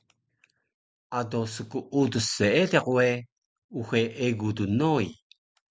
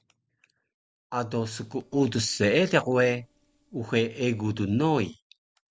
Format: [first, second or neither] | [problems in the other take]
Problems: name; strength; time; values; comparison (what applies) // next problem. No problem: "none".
first | noise reduction (neural separator model SepFormer DNS4)